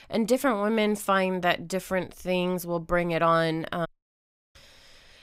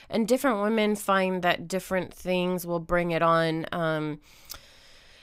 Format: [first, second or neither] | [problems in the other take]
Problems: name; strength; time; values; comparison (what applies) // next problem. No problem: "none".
second | audio cutting out; at 4 s for 0.5 s